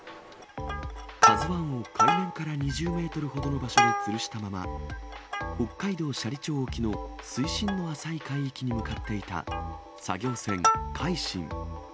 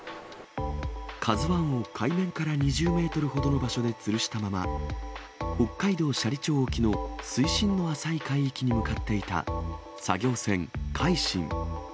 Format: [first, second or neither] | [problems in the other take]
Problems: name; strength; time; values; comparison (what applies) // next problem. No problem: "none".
second | background sound (Plucked string instrument); as loud as the speech